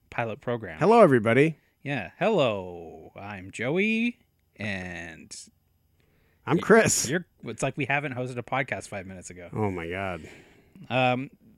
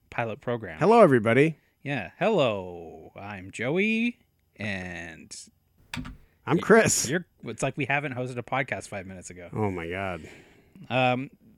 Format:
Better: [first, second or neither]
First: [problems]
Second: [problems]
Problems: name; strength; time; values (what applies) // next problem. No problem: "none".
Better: first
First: none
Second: keyboard typing; faint; at 6 s; peak 15 dB below the speech